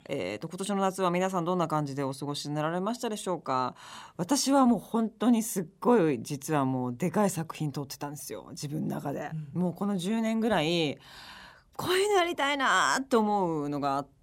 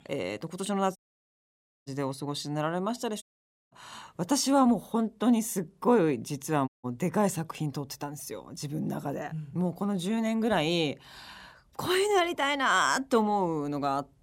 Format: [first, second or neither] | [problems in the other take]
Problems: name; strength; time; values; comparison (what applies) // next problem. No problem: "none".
first | audio cutting out; at 1 s for 1 s, at 3 s and at 6.5 s